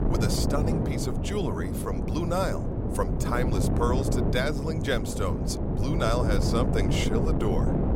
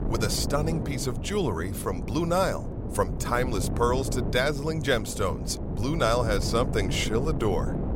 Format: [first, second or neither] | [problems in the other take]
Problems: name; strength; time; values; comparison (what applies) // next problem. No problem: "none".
second | wind noise on the microphone; heavy; 3 dB below the speech; occasional gusts in the second